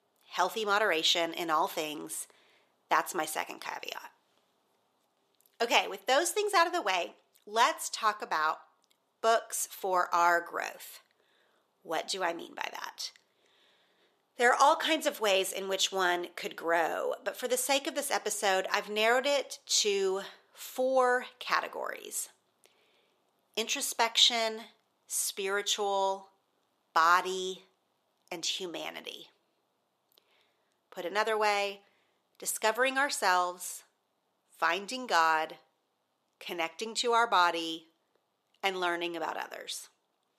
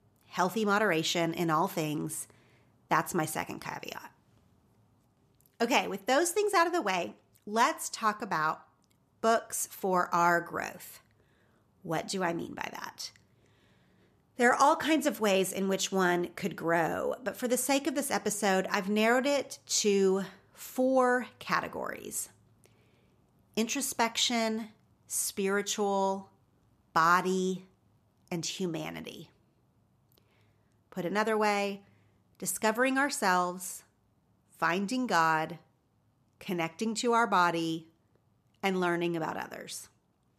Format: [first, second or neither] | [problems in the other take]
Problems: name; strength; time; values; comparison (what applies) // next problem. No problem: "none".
second | thin; somewhat; fading below 500 Hz